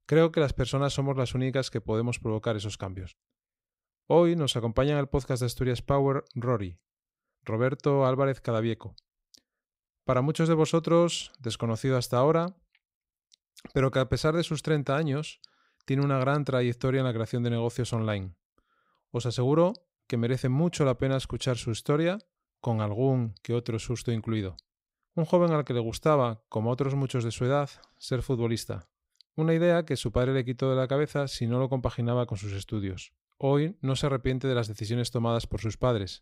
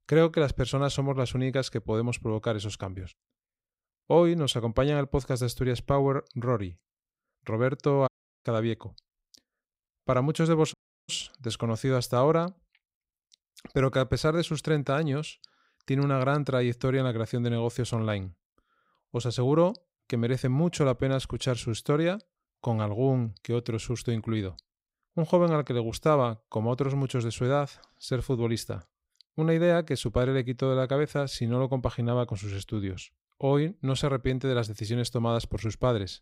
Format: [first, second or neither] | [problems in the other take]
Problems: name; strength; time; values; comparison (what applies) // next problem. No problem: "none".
first | audio cutting out; at 8 s and at 11 s